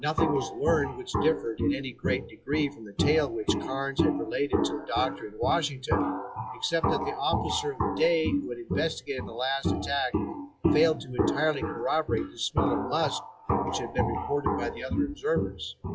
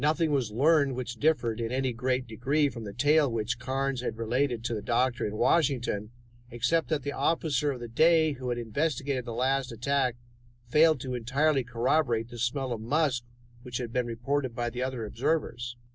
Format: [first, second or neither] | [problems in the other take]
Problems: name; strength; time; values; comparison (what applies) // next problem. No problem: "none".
second | noise reduction (classical method log-MMSE)